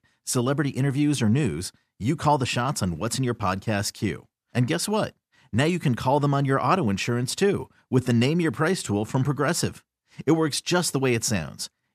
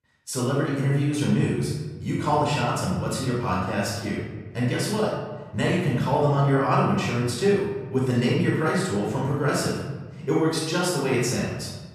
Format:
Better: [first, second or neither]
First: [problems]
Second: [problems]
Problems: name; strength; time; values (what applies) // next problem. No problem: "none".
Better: first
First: none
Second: room echo; noticeable; dies away in 1.2 s // off-mic speech; far